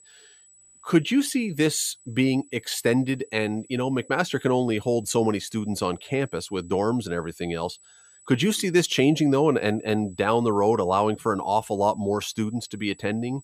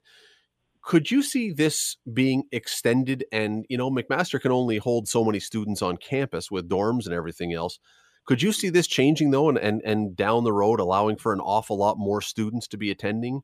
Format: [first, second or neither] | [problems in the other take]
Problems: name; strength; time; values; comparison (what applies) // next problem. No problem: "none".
second | high-pitched whine; faint; throughout; 8 kHz, 25 dB below the speech